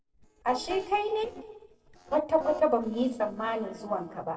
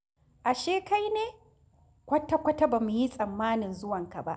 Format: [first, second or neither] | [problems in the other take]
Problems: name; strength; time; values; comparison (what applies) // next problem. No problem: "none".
second | noise reduction (neural separator model SepFormer DNS4)